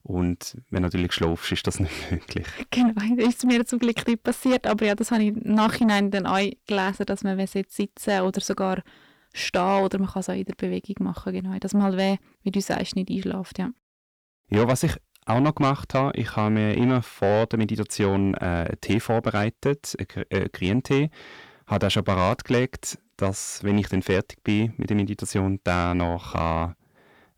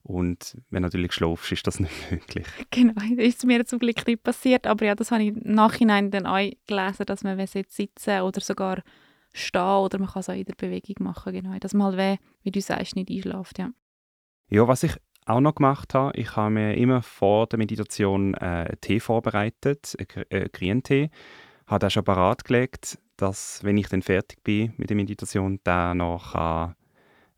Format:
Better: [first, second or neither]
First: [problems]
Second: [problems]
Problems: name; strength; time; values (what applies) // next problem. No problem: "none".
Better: second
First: distortion; slight; 10 dB below the speech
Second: none